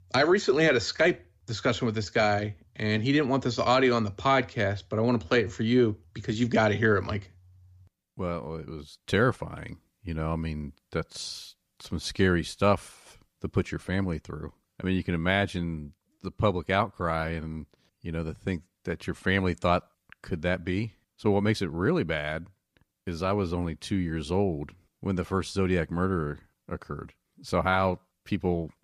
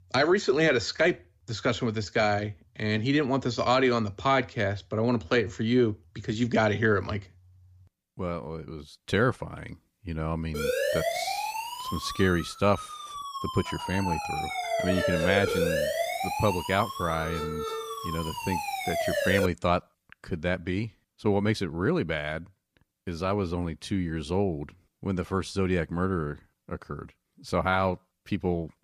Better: first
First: none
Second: siren; loud; from 11 to 19 s; peak 2 dB above the speech

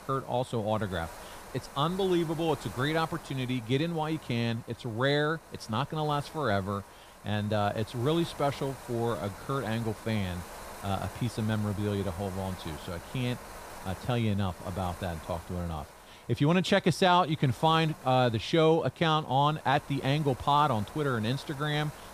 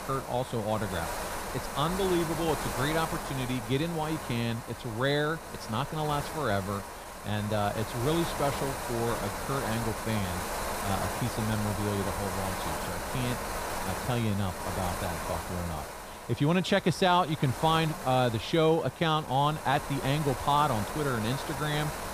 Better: first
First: wind noise on the microphone; occasional gusts; 15 dB below the speech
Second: wind noise on the microphone; heavy; 5 dB below the speech

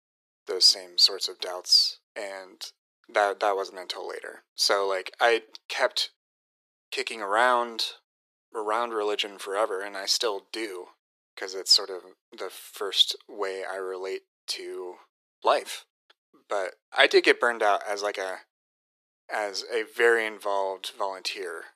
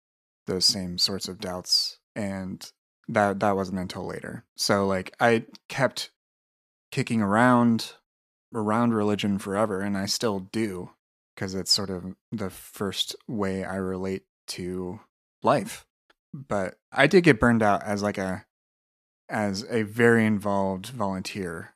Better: second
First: thin; very; fading below 350 Hz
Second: none

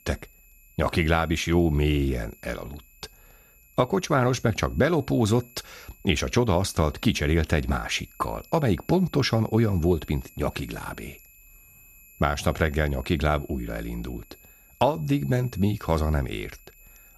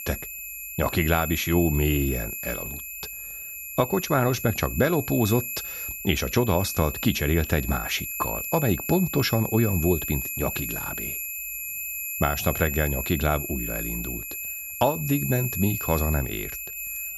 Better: first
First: high-pitched whine; faint; throughout; 2.5 kHz, 25 dB below the speech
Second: high-pitched whine; loud; throughout; 2.5 kHz, 5 dB below the speech

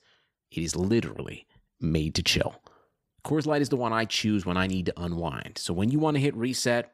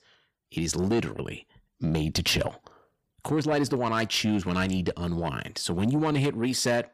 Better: first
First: none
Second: distortion; slight; 10 dB below the speech

